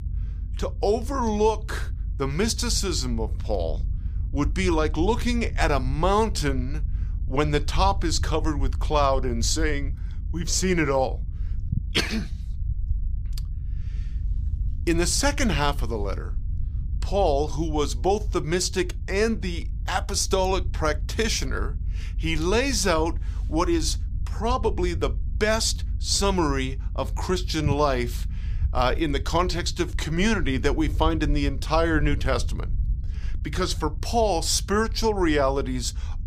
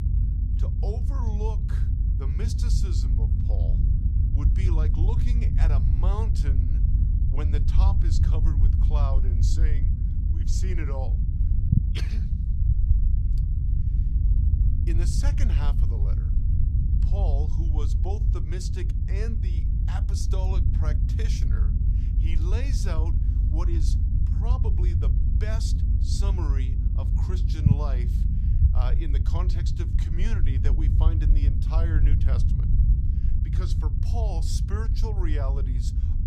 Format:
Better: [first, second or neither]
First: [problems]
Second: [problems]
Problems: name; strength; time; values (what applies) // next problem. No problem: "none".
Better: first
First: low rumble; faint; throughout; 25 dB below the speech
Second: low rumble; loud; throughout; 1 dB below the speech